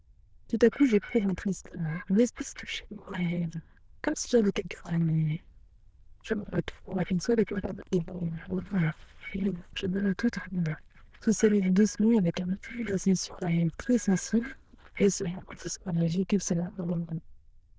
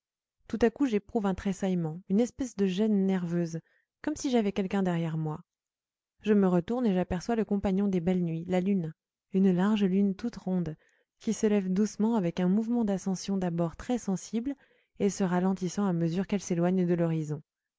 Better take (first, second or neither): second